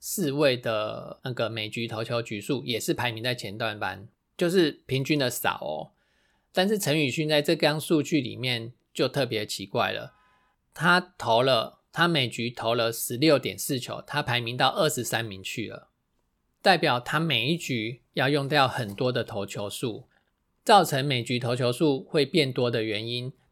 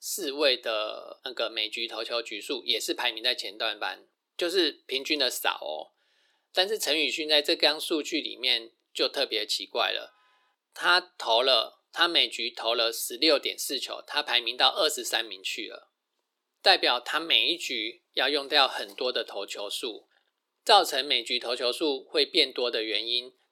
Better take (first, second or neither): first